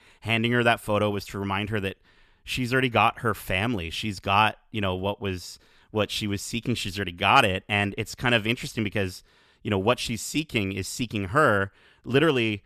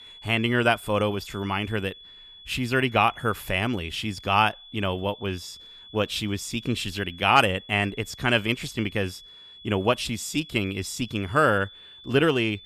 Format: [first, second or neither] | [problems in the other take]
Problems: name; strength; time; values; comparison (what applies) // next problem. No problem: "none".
first | high-pitched whine; noticeable; throughout; 3.5 kHz, 20 dB below the speech